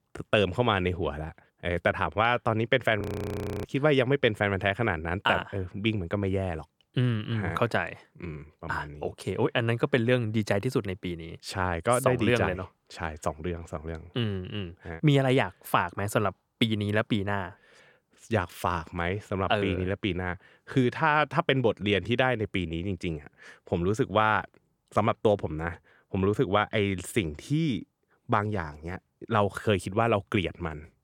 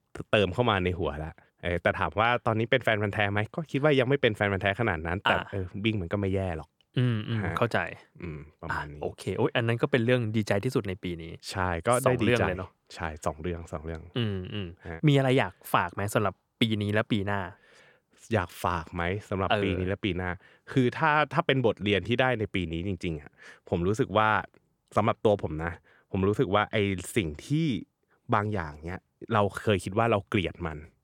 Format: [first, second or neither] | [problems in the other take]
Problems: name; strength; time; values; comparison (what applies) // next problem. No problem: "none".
second | audio freezing; at 3 s for 0.5 s